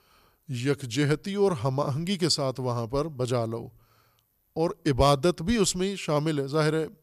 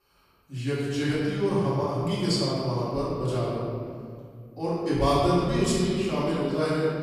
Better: first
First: none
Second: off-mic speech; far // room echo; strong; dies away in 2.1 s

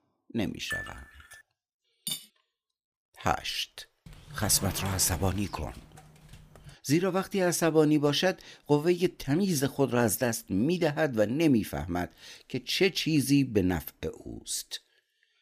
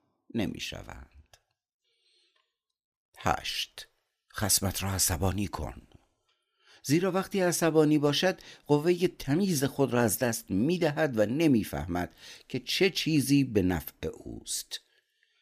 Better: second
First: clattering dishes; noticeable; at 0.5 s and at 2 s; peak 7 dB below the speech // door banging; faint; from 4 to 6.5 s; peak 10 dB below the speech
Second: none

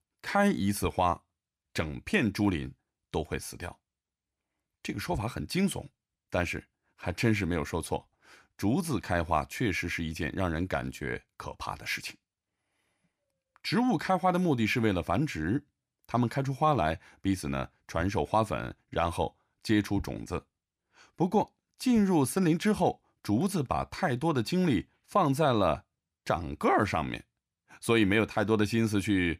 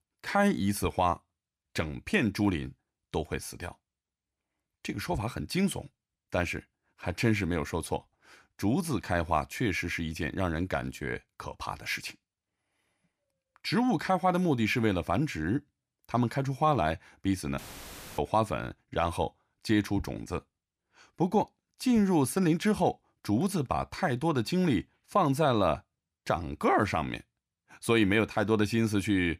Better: first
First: none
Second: audio cutting out; filled with static; at 18 s for 0.5 s

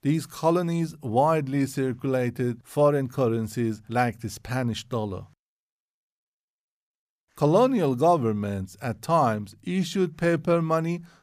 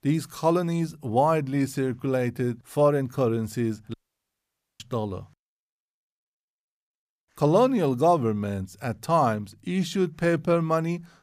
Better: first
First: none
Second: audio cutting out; at 4 s for 1 s

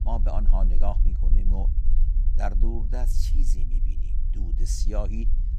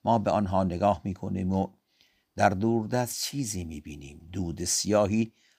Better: second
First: low rumble; noticeable; throughout; 10 dB below the speech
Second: none

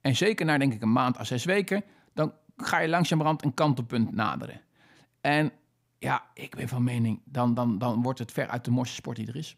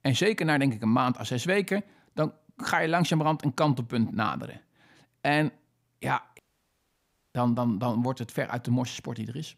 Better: first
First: none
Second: audio cutting out; at 6.5 s for 1 s

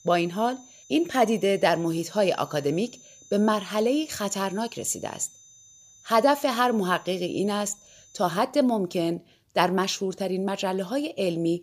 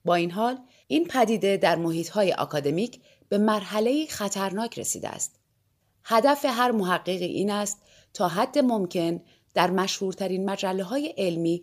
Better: second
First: high-pitched whine; faint; until 8.5 s; 6 kHz, 25 dB below the speech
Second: none

